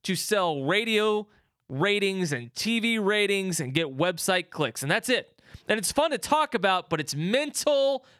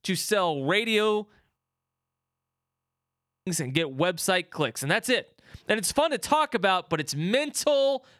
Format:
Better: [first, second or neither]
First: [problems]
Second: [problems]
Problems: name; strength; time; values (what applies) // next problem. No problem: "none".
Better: first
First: none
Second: audio freezing; at 1.5 s for 2 s